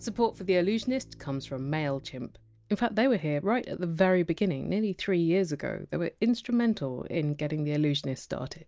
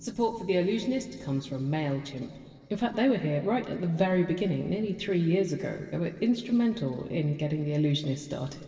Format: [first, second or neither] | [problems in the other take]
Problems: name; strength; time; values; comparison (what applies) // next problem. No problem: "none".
first | room echo; dies away in 2.8 s